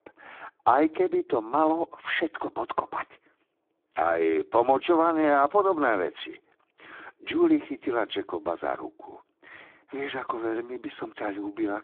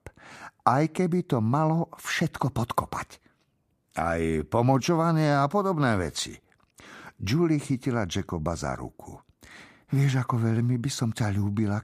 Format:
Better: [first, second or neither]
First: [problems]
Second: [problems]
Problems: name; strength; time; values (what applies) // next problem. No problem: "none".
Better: second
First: phone-call audio; poor line; nothing above 3.5 kHz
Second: none